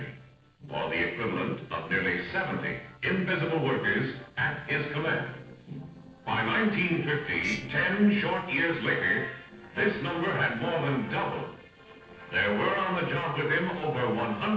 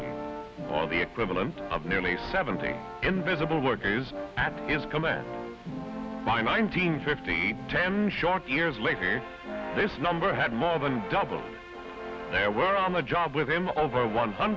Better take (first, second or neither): second